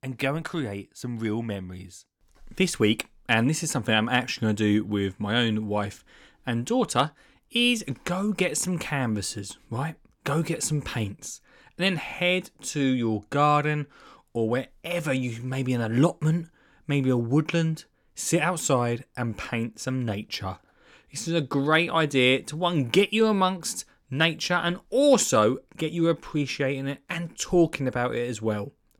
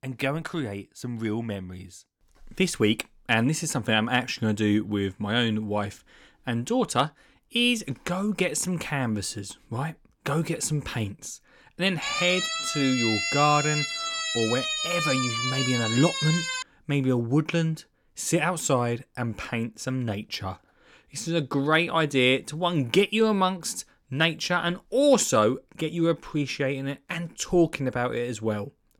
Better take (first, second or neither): first